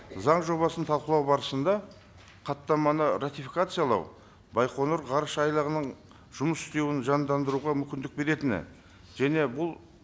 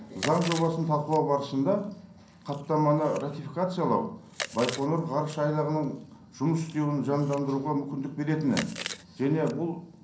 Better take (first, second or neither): first